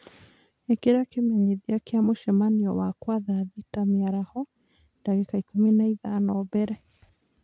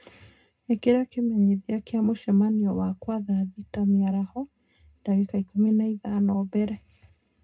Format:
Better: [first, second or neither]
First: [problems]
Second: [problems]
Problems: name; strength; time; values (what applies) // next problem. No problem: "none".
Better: first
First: none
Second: room echo; dies away in 0.2 s